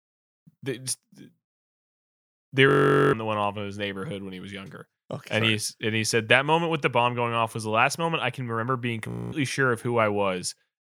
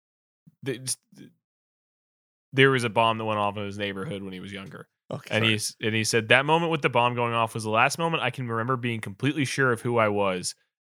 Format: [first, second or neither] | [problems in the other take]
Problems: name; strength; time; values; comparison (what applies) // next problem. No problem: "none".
second | audio freezing; at 2.5 s and at 9 s